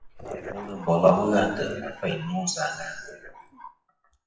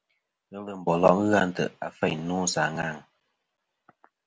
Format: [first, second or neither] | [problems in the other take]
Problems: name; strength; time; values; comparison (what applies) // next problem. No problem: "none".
second | noise reduction (classical method WPE with log-MMSE)